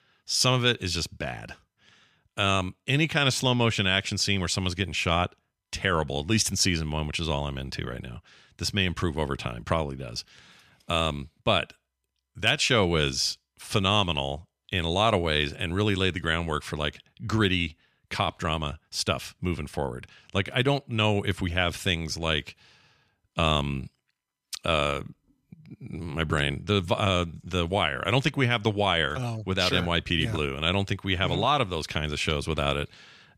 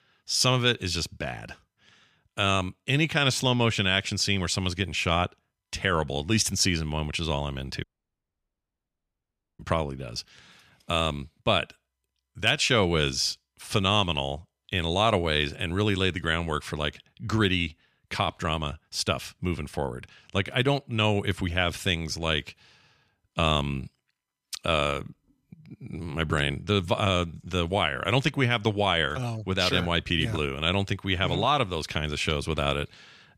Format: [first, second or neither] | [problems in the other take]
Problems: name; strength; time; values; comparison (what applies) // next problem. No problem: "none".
first | audio cutting out; at 8 s for 2 s